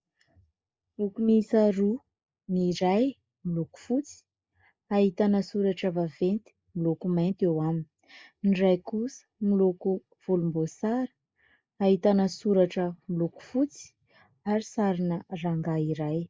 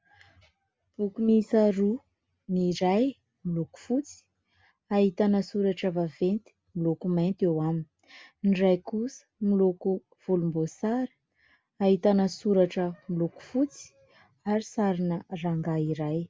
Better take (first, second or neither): second